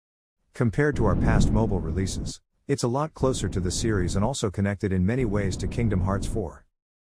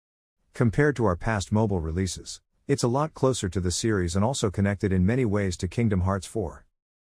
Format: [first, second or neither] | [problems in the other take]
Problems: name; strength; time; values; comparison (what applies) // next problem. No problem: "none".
second | wind noise on the microphone; heavy; from 1 to 2.5 s, from 3 to 4.5 s and from 5 to 6.5 s; 10 dB below the speech